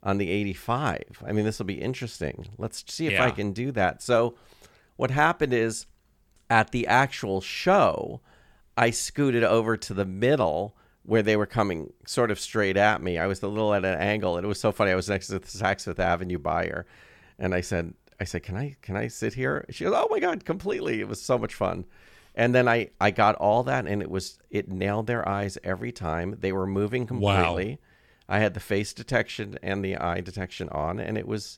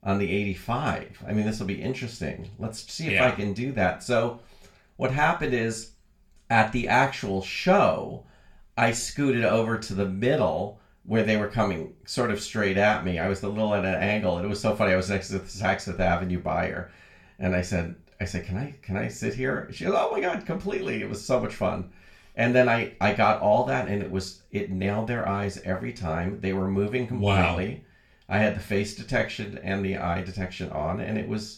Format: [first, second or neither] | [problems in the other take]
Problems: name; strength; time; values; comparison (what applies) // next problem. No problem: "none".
first | room echo; very slight; dies away in 0.3 s // off-mic speech; far